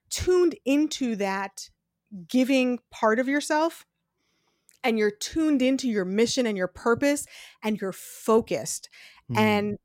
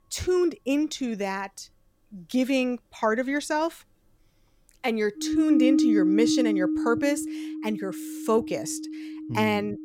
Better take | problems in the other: first | background music; very loud; throughout; as loud as the speech

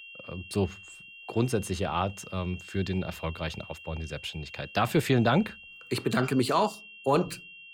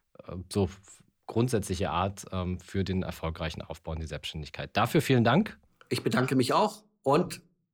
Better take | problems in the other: second | high-pitched whine; noticeable; throughout; 2.5 kHz, 15 dB below the speech

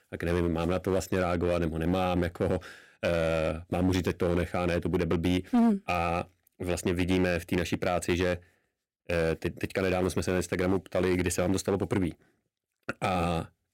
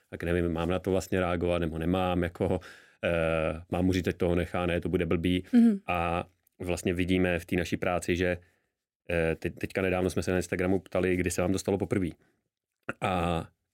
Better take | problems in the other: second | distortion; slight; 6% of the sound clipped

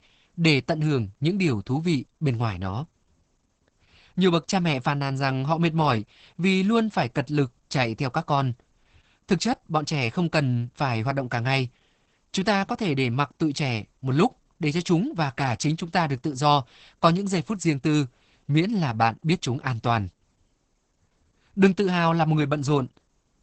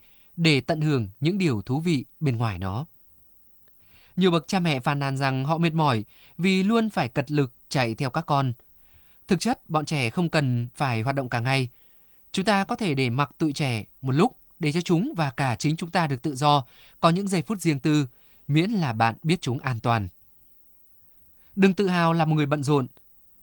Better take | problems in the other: second | garbled, watery; badly; nothing above 8 kHz; slightly in the second

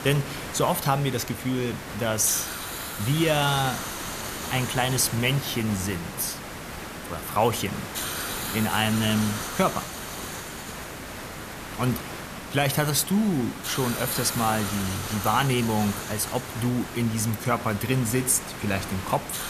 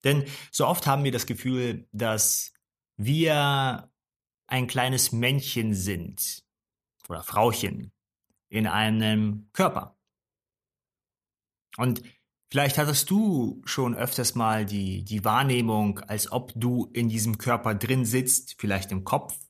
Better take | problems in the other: second | hiss; loud; throughout; 7 dB below the speech

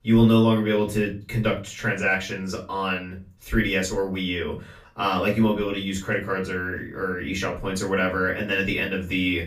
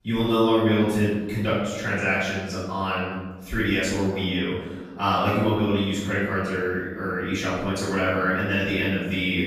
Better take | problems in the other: first | room echo; strong; dies away in 1.1 s; slight in the first // off-mic speech; far; far in the first

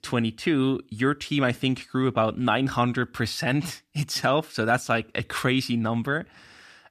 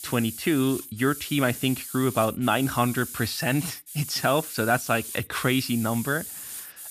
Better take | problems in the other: first | hiss; loud; throughout; 10 dB below the speech

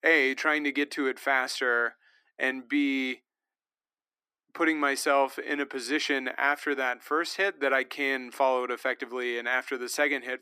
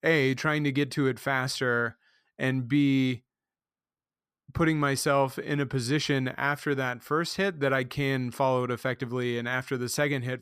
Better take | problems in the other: second | thin; somewhat; fading below 300 Hz

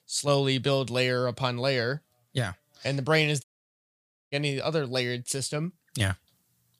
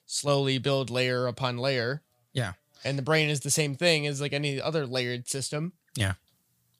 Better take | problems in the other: second | audio cutting out; at 3.5 s for 1 s

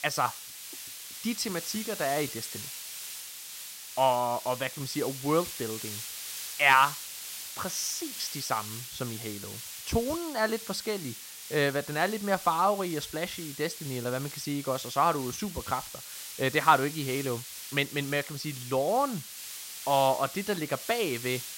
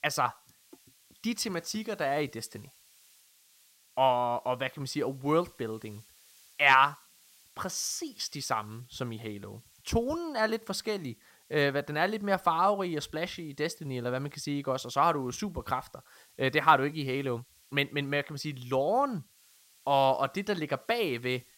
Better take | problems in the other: second | hiss; loud; throughout; 9 dB below the speech; faint in the second

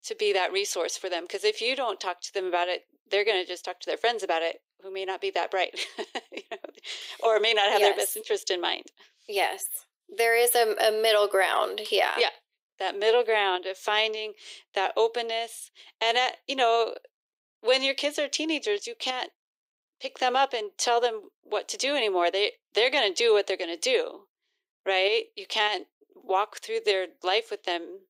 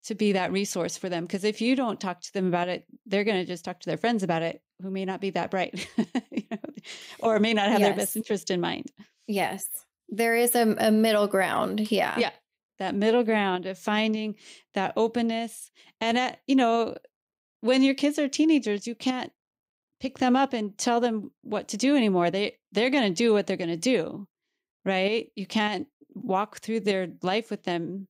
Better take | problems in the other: second | thin; very; fading below 400 Hz

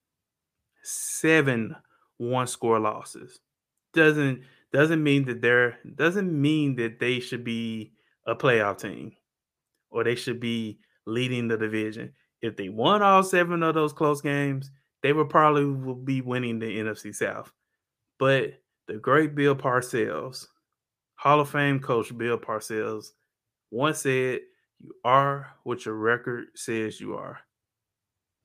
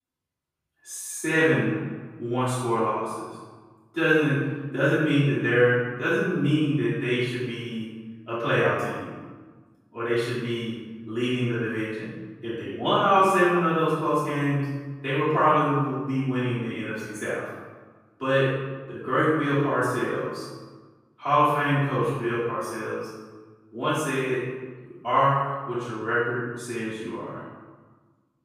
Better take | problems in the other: first | room echo; strong; dies away in 1.1 s // off-mic speech; far

